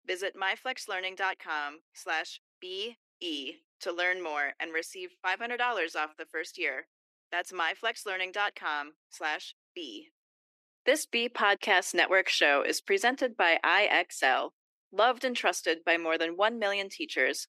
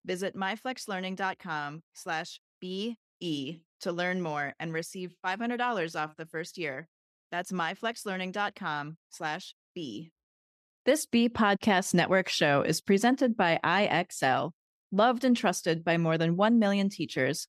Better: second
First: thin; very; fading below 300 Hz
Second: none

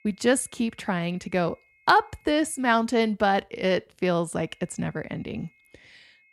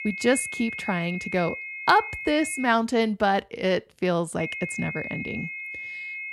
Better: first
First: high-pitched whine; faint; until 2.5 s and from 4.5 s on; 2 kHz, 35 dB below the speech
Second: high-pitched whine; loud; until 2.5 s and from 4.5 s on; 2 kHz, 7 dB below the speech

